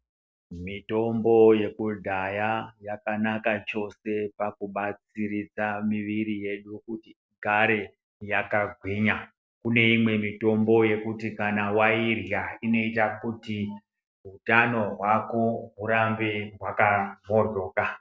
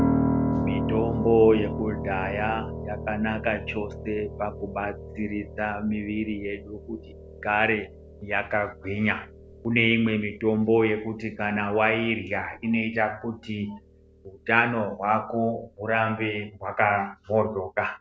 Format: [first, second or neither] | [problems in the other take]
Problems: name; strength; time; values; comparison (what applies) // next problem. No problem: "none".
first | background sound (Piano); 7 dB below the speech